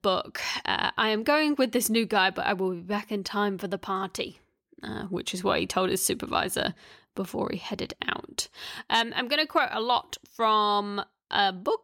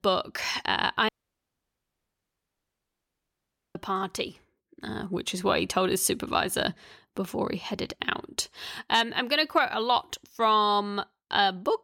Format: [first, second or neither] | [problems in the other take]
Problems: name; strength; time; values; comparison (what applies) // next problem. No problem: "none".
first | audio cutting out; at 1 s for 2.5 s